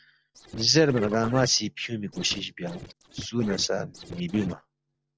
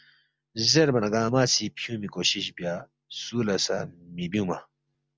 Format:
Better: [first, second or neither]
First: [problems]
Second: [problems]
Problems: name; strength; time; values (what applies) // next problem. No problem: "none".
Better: second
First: noise reduction (neural separator model SepFormer DNS4)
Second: none